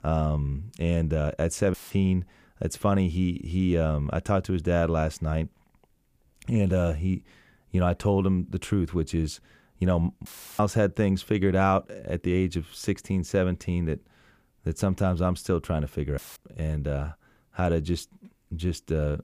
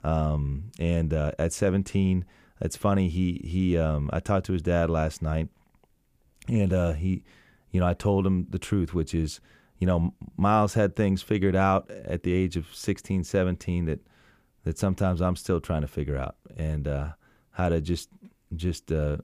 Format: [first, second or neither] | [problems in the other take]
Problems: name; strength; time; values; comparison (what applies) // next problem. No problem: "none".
second | audio cutting out; filled with static; at 1.5 s, at 10 s and at 16 s